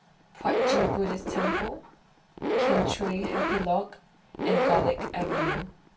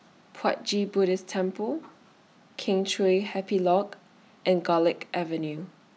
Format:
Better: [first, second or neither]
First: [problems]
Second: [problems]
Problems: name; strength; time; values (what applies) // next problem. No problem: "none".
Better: second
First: background sound (Zipper (clothing)); 3 dB above the speech // room echo; dies away in 0.2 s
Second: none